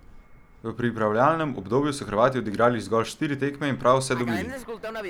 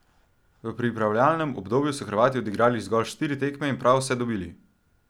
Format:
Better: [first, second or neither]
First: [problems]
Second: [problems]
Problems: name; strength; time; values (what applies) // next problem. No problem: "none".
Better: second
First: background sound (Fixed-wing aircraft, airplane); 15 dB below the speech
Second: none